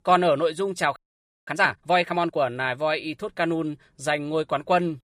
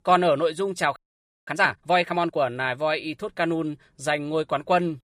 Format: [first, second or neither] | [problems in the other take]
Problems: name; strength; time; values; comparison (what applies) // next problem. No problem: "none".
neither | audio freezing; at 1 s for 0.5 s; the same in both